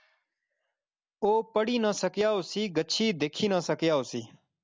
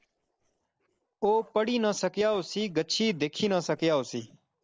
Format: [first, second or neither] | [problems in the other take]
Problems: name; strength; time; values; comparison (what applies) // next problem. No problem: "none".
first | noise reduction (neural separator model SepFormer DNS4)